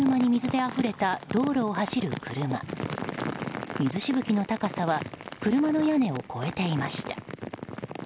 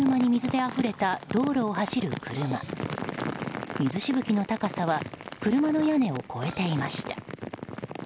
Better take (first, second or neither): first